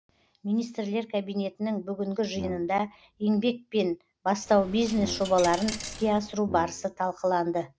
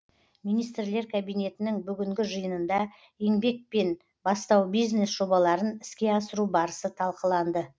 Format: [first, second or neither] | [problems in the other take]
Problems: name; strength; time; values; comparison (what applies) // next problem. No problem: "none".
second | background sound (Brass instrument + Coin (dropping)); 13 dB below the speech